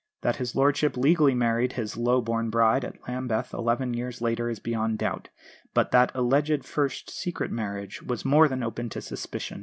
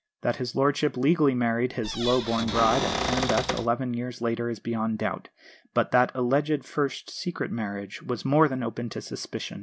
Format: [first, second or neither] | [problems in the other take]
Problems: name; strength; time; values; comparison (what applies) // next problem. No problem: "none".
first | background sound (Cupboard open or close / Door); 3 dB below the speech